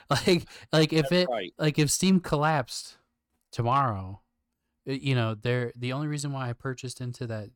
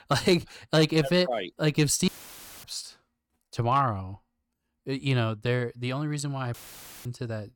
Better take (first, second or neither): first